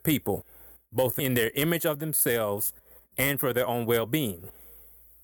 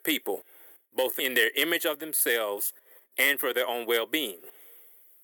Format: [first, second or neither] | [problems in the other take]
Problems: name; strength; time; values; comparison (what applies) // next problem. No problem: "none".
first | thin; somewhat; fading below 350 Hz